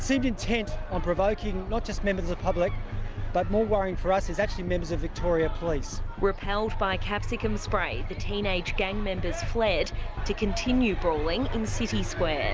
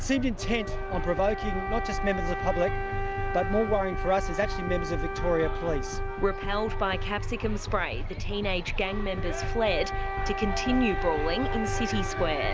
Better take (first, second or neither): first